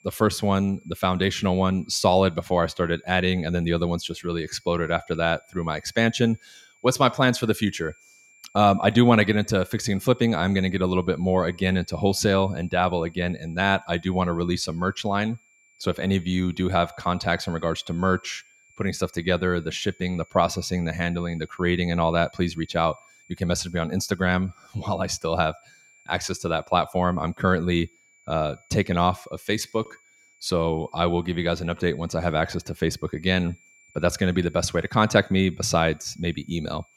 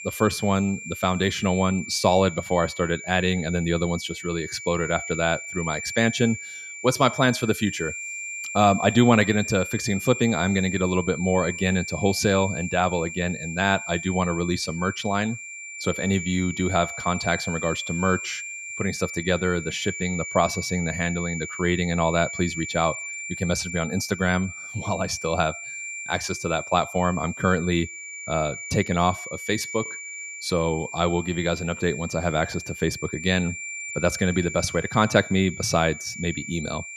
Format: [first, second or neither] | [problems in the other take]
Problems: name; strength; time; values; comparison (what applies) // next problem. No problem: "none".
first | high-pitched whine; loud; throughout; 2.5 kHz, 9 dB below the speech; faint in the first